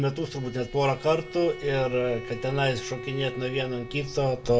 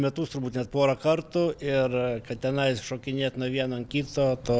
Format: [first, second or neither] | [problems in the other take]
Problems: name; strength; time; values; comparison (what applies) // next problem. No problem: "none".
second | background sound (Bowed string instrument); 13 dB below the speech // room echo; dies away in 0.2 s